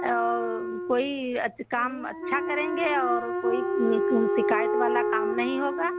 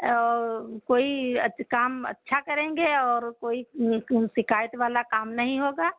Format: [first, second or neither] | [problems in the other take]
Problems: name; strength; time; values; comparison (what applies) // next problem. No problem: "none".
second | background sound (Dog + Wind instrument, woodwind instrument); as loud as the speech